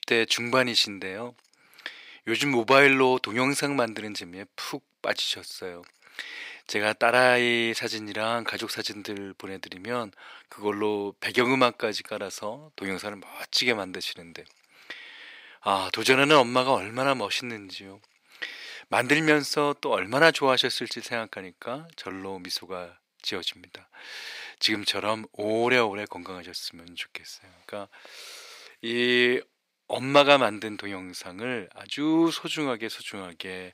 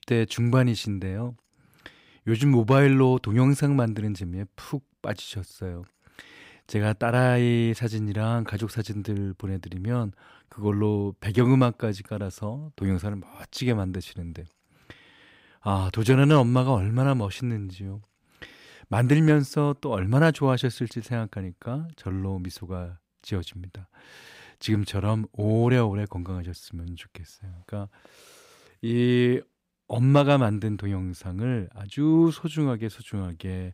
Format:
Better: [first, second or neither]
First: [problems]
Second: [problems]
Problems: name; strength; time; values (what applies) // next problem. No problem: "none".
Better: second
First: thin; very; fading below 450 Hz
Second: none